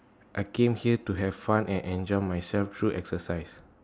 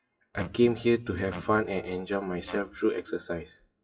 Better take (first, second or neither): first